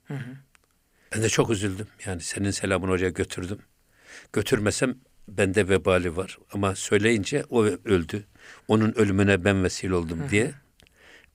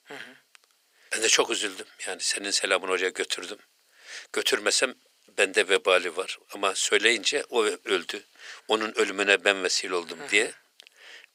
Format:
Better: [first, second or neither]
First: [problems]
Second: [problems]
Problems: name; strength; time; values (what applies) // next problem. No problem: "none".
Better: first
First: none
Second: thin; very; fading below 450 Hz